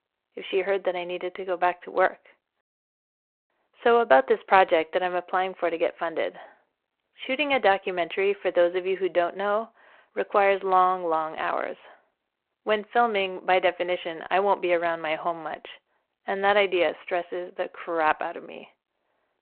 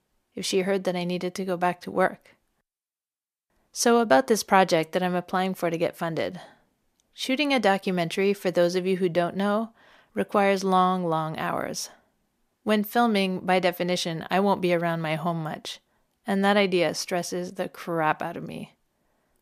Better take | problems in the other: second | phone-call audio

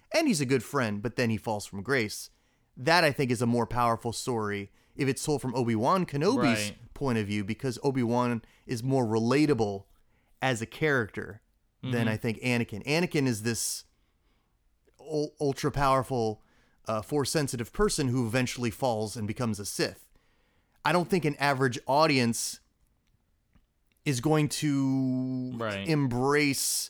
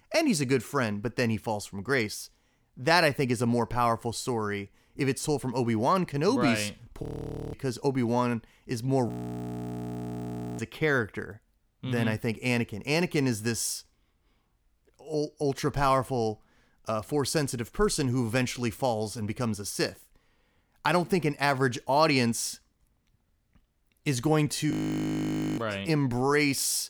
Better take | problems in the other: first | audio freezing; at 7 s for 0.5 s, at 9 s for 1.5 s and at 25 s for 1 s

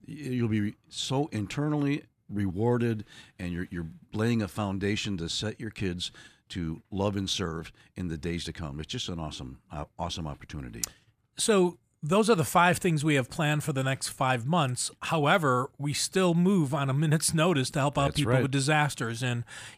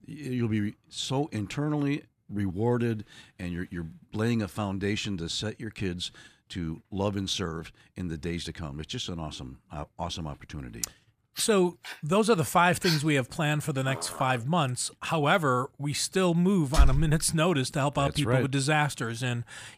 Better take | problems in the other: first | dog barking; noticeable; from 11 to 14 s; peak 2 dB below the speech // door banging; loud; at 17 s; peak 2 dB above the speech

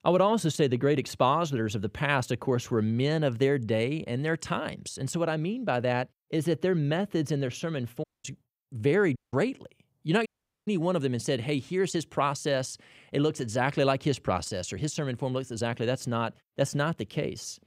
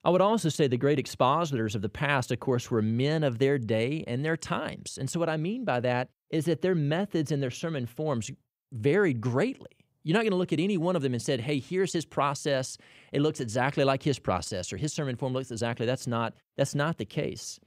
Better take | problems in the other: second | audio cutting out; at 8 s, at 9 s and at 10 s

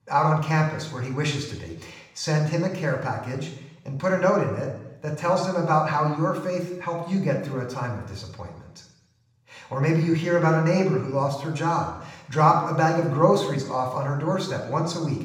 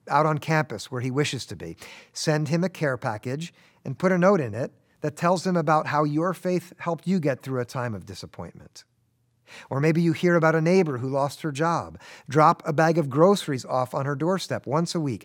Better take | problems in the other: second | room echo; noticeable; dies away in 0.9 s // off-mic speech; somewhat distant

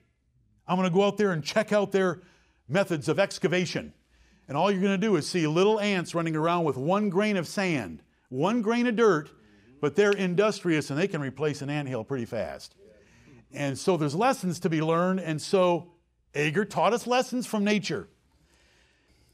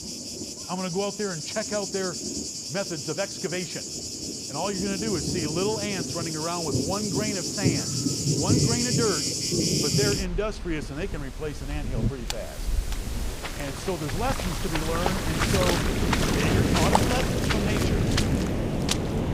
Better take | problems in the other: first | rain or running water; very loud; throughout; 5 dB above the speech

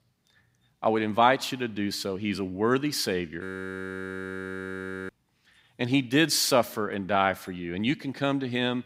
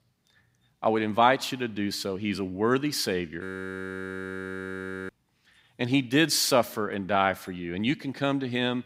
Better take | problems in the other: neither | audio freezing; at 3.5 s for 1.5 s; the same in both

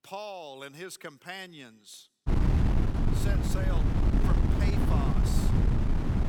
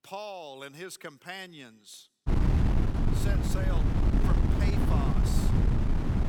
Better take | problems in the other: neither | wind noise on the microphone; heavy; from 2.5 s on; 4 dB above the speech; the same in both

